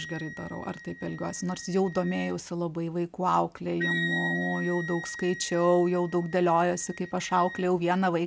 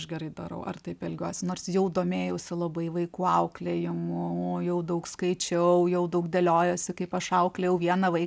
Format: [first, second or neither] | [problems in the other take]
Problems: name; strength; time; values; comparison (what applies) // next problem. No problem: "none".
second | background sound (Wind instrument, woodwind instrument); 11 dB below the speech